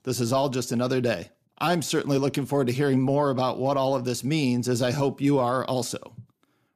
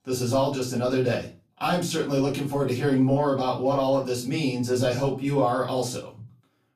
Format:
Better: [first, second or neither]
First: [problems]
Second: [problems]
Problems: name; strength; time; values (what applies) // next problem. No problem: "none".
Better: first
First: none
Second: off-mic speech; far // room echo; very slight; dies away in 0.3 s